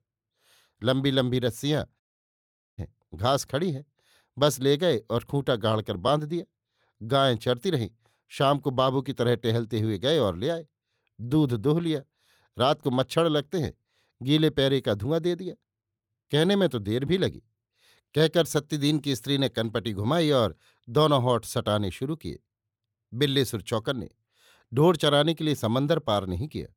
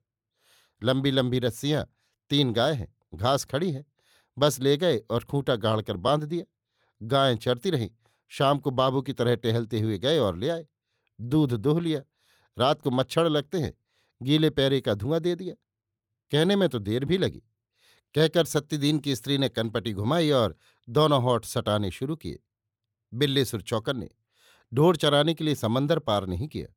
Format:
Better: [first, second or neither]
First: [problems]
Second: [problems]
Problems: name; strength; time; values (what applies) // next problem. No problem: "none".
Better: second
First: audio cutting out; at 2 s for 1 s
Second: none